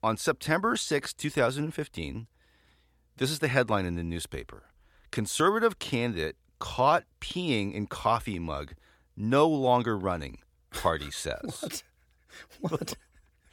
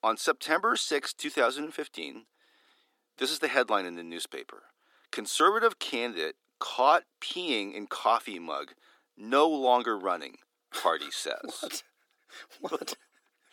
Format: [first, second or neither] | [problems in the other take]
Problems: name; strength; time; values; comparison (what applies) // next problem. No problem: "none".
first | thin; somewhat; fading below 300 Hz